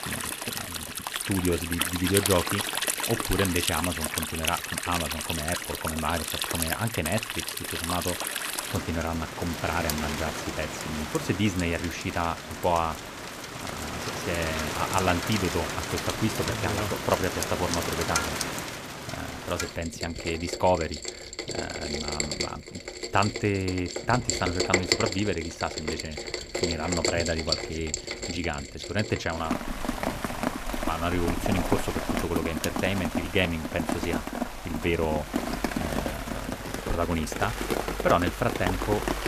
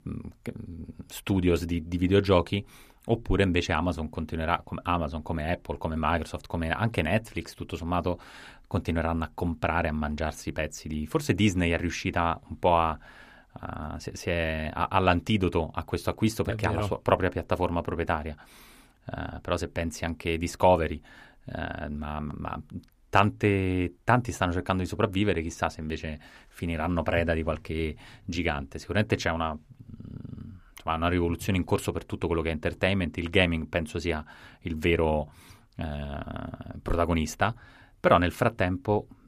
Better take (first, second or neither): second